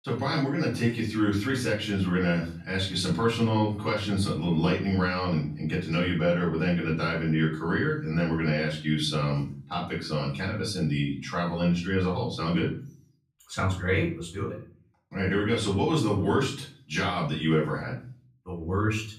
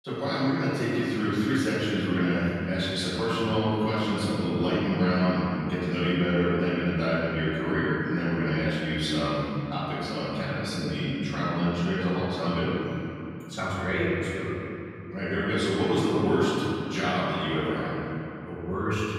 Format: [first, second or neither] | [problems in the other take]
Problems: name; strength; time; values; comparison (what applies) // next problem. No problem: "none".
first | room echo; strong; dies away in 3 s; slight in the first // off-mic speech; far; far in the first